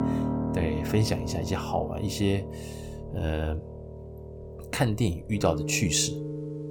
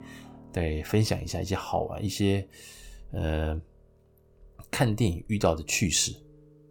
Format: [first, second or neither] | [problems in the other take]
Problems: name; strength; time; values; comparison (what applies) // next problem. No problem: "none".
second | background music; loud; throughout; 6 dB below the speech; faint in the second